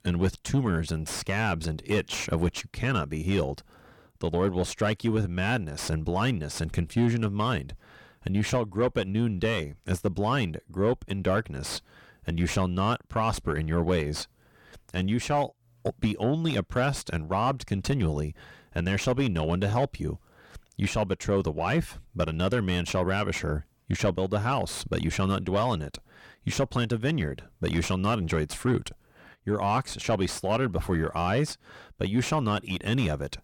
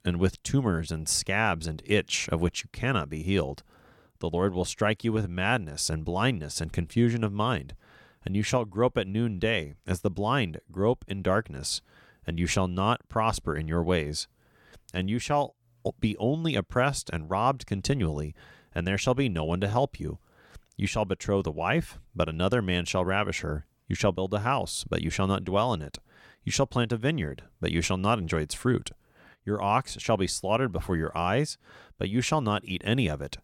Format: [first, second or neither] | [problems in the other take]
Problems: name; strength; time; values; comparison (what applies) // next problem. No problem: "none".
second | distortion; slight; 10 dB below the speech